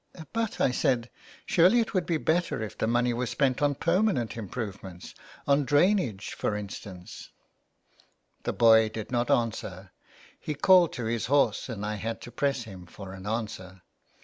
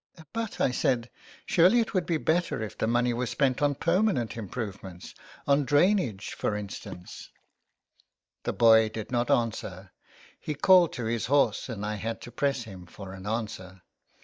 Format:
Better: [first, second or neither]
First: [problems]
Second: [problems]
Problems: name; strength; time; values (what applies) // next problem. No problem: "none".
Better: first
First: none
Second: noise reduction (neural mask model DeepFilterNet 3)